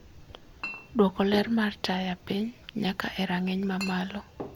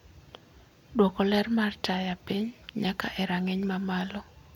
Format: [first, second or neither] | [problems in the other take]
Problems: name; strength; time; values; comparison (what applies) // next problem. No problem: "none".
second | background sound (Chink, clink); 15 dB below the speech